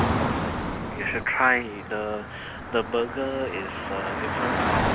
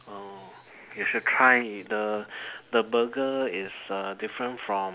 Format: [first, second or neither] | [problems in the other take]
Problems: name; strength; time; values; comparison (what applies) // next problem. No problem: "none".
second | background sound (Traffic noise, roadway noise / Car); as loud as the speech